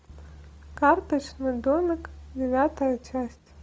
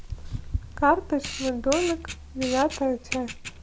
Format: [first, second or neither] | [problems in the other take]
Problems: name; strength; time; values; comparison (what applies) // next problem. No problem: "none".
first | background sound (Camera); 8 dB below the speech